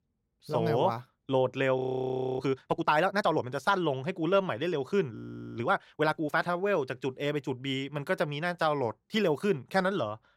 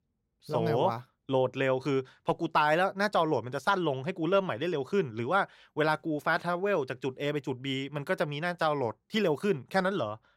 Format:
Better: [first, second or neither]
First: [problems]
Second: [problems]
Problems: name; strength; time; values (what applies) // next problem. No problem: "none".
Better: second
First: audio freezing; at 2 s for 0.5 s and at 5 s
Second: none